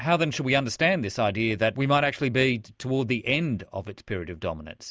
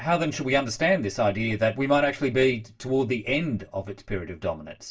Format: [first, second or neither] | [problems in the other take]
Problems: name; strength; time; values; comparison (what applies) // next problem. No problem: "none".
first | room echo; dies away in 0.2 s